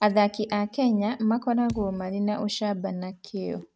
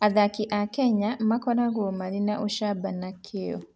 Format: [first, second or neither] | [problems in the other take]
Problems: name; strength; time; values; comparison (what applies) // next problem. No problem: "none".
second | noise reduction (neural mask model RNNoise)